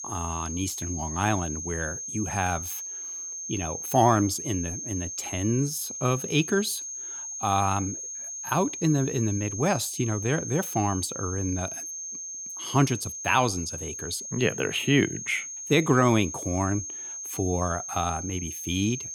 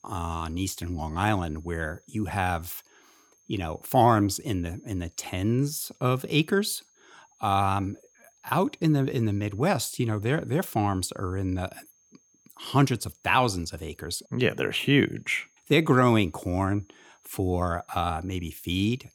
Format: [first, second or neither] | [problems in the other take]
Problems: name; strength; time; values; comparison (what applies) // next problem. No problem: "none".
second | high-pitched whine; loud; throughout; 6.5 kHz, 6 dB below the speech; faint in the second